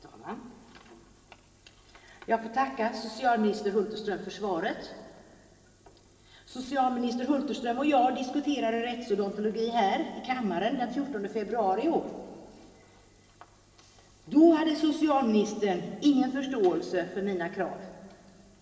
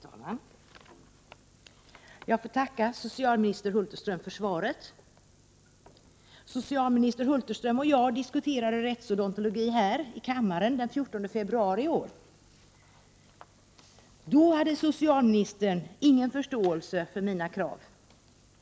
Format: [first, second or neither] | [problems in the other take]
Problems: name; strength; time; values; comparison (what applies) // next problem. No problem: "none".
second | room echo; dies away in 2.8 s